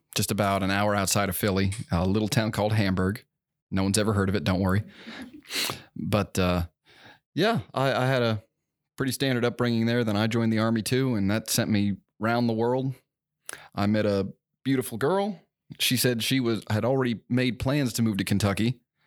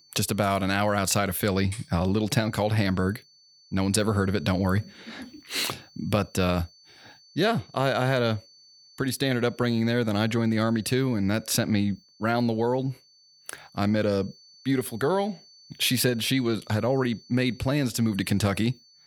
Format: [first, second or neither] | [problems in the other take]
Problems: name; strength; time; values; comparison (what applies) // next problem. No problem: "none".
first | high-pitched whine; faint; throughout; 4.5 kHz, 25 dB below the speech